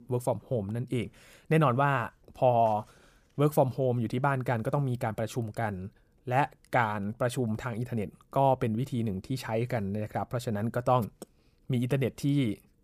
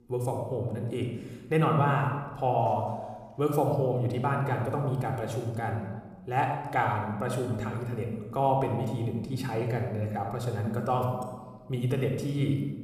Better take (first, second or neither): first